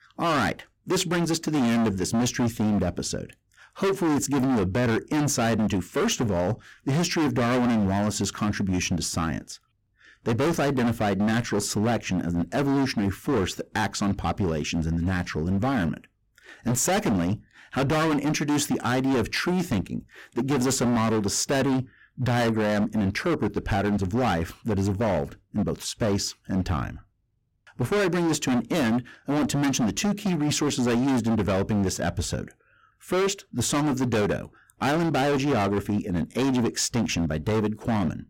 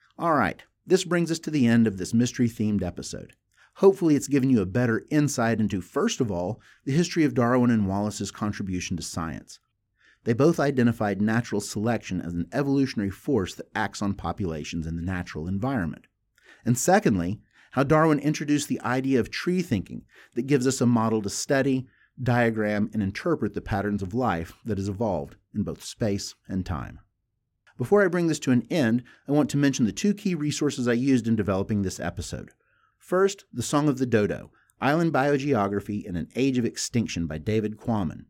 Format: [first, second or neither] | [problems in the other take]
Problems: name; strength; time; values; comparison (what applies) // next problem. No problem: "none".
second | distortion; heavy; 24% of the sound clipped